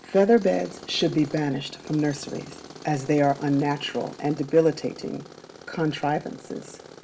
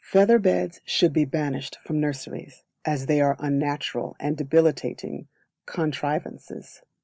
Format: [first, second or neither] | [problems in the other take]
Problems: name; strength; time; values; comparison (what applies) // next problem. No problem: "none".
second | background sound (Tools); 18 dB below the speech // room echo; dies away in 0.4 s